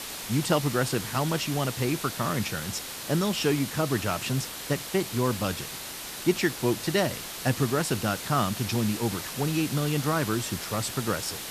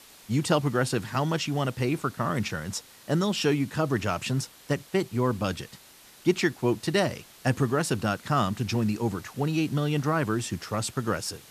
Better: second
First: hiss; loud; throughout; 7 dB below the speech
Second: hiss; faint; throughout; 20 dB below the speech

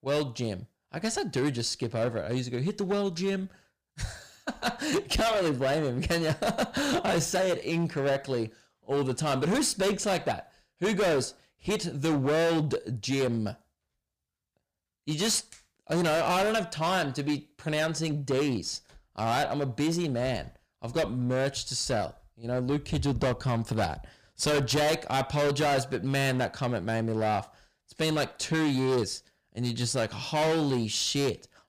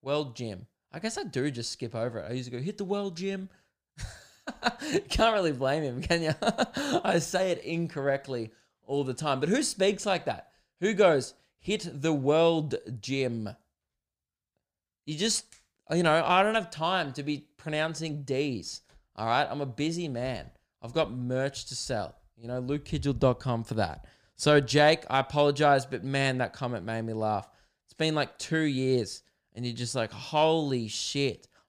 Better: second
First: distortion; heavy; 14% of the sound clipped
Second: none

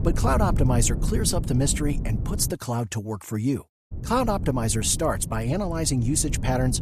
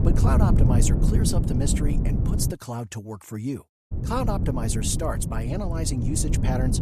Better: first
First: wind noise on the microphone; occasional gusts; until 2.5 s and from 4 s on; 15 dB below the speech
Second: wind noise on the microphone; heavy; until 2.5 s and from 4 s on; 4 dB below the speech

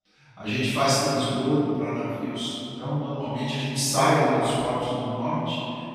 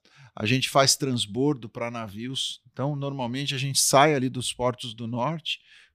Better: second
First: off-mic speech; far // room echo; strong; dies away in 2.8 s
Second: none

